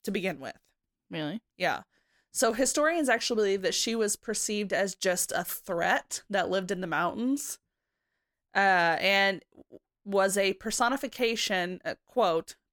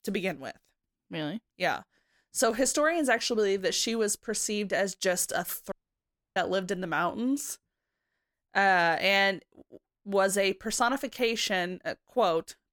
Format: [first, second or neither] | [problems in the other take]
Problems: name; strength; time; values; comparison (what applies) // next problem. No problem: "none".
first | audio cutting out; at 5.5 s for 0.5 s